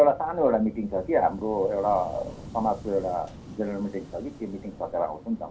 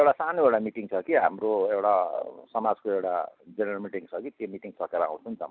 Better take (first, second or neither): second